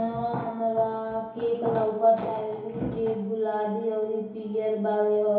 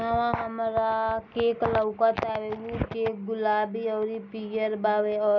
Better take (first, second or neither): second